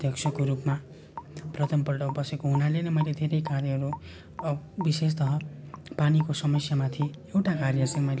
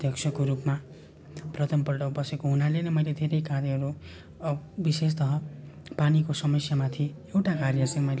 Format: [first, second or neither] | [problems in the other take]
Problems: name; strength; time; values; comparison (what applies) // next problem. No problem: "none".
second | background sound (Raindrop / Drip); 17 dB below the speech